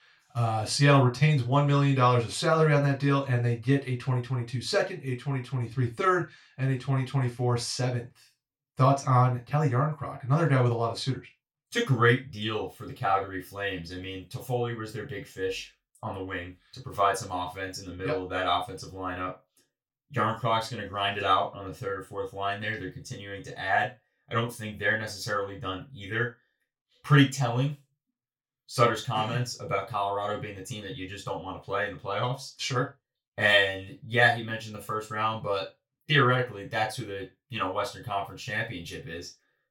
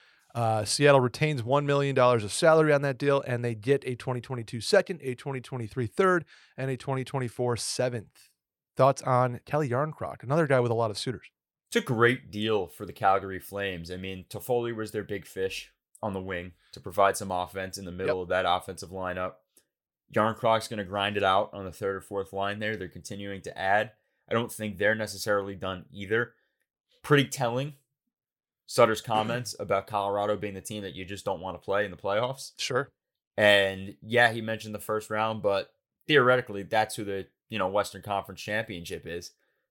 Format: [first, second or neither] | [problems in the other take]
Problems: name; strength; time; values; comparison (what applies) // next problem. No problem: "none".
second | room echo; slight; dies away in 0.2 s // off-mic speech; far